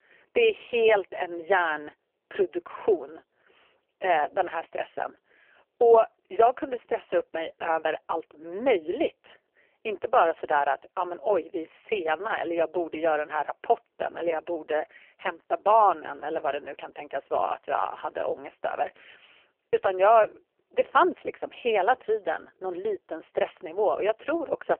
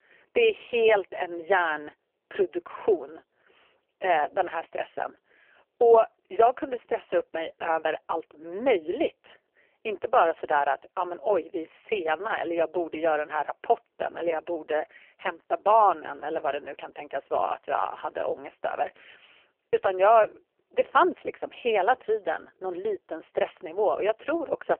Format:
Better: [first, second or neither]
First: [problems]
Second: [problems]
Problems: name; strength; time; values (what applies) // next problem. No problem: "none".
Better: neither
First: phone-call audio; poor line; nothing above 3 kHz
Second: phone-call audio; poor line; nothing above 3 kHz